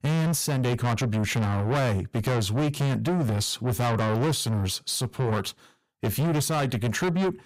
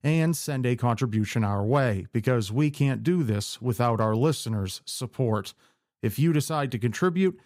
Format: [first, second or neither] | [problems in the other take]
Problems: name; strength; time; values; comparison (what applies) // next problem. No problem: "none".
second | distortion; heavy; 5 dB below the speech